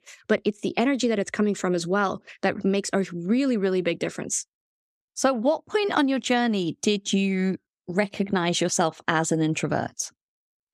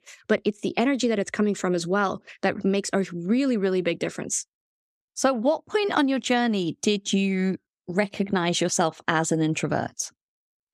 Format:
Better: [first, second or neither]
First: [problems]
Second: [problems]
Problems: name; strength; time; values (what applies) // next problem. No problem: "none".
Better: neither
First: none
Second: none